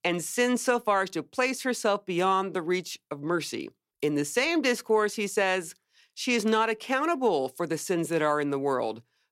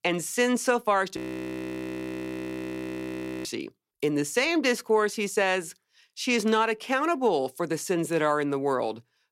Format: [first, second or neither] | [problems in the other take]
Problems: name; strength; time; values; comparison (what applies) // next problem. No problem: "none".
first | audio freezing; at 1 s for 2.5 s